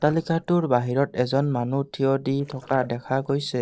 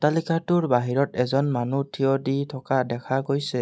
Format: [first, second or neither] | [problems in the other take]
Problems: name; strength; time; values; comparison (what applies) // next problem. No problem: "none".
second | noise reduction (neural separator model SepFormer DNS4)